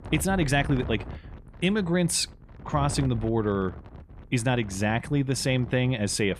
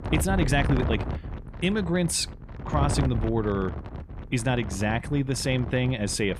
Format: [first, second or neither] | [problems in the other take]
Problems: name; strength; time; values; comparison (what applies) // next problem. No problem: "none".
first | wind noise on the microphone; heavy; 9 dB below the speech; occasional gusts in the first